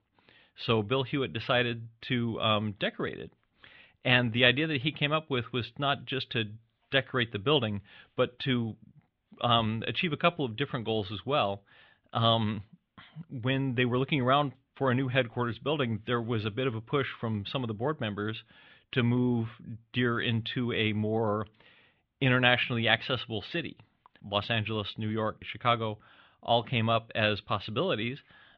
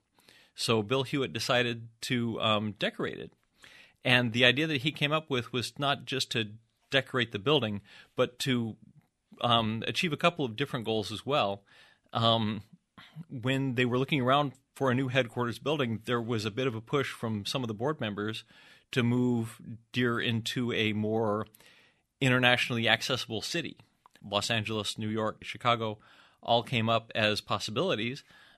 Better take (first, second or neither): second